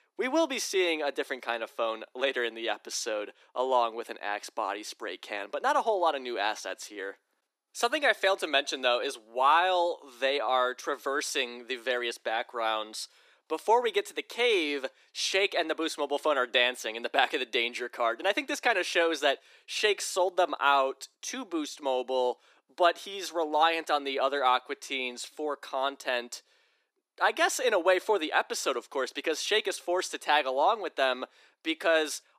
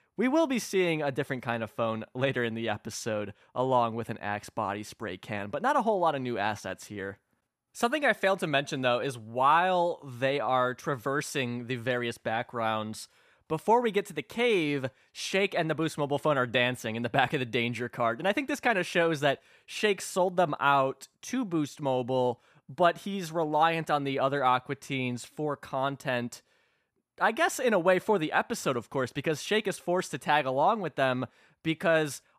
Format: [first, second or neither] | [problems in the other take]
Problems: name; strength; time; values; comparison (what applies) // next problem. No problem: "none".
second | thin; somewhat; fading below 300 Hz